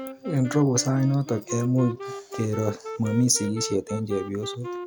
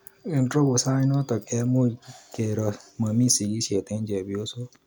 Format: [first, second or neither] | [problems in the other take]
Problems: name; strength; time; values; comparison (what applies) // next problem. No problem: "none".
second | background sound (Wind instrument, woodwind instrument); 11 dB below the speech